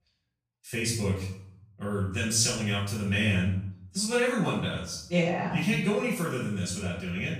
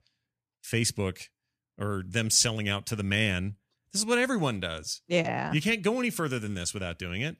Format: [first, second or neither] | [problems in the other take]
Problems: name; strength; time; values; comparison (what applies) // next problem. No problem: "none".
second | room echo; noticeable; dies away in 0.6 s // off-mic speech; far